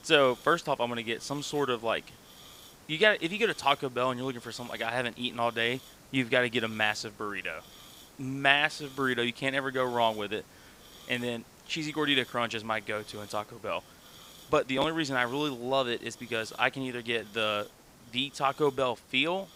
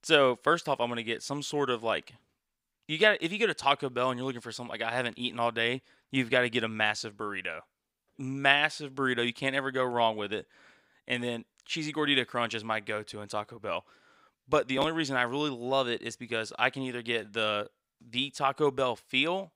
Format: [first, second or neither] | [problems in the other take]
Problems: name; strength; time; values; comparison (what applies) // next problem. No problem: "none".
second | hiss; faint; throughout; 20 dB below the speech